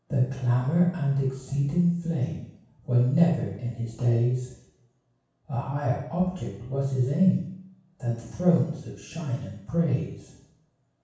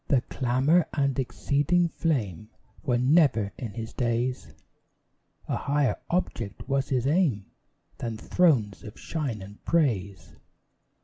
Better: second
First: room echo; dies away in 0.7 s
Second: none

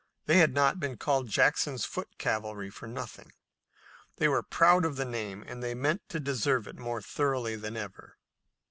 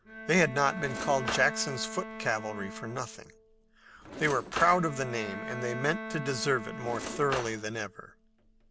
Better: first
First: none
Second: background sound (Cutlery, silverware / Drawer open or close + Bowed string instrument); 9 dB below the speech

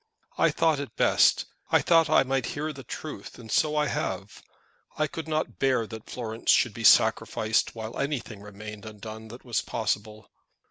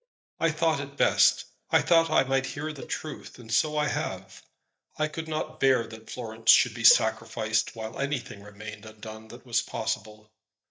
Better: first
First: none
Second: noise reduction (neural mask model DeepFilterNet 3)

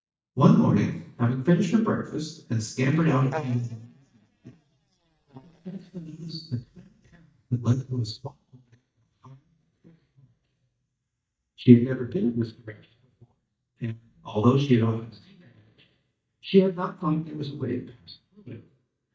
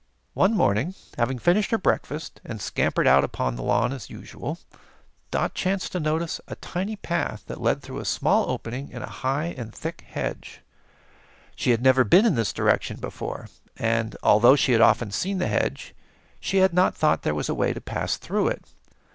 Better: second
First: noise reduction (neural mask model DeepFilterNet 3)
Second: none

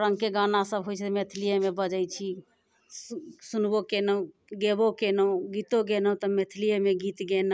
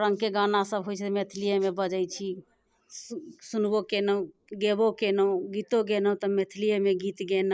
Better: first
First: none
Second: noise reduction (neural mask model Resemble Enhance denoiser)

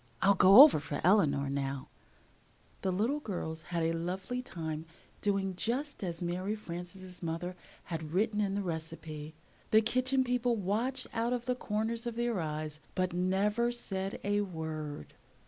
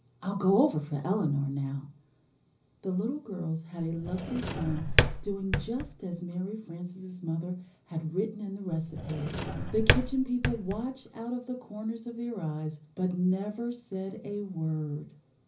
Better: first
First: none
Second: background sound (Drawer open or close); 1 dB above the speech // room echo; dies away in 0.5 s

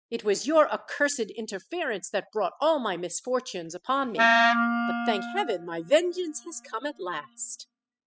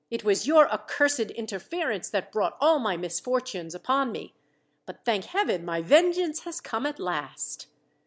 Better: second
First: noise reduction (classical method spectral subtraction)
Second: none

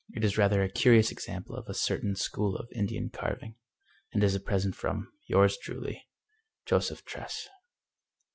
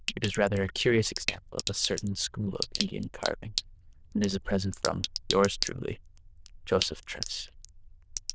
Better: first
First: none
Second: noise reduction (neural diffusion model UNIVERSE++)

